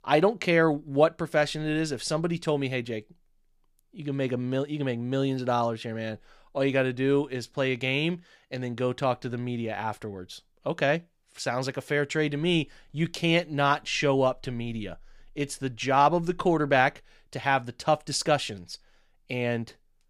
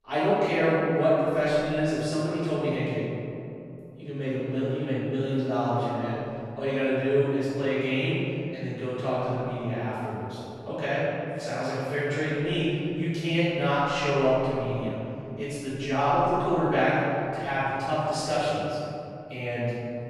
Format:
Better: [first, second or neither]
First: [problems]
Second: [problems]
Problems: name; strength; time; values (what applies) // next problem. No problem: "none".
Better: first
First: none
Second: off-mic speech; far // room echo; strong; dies away in 2.9 s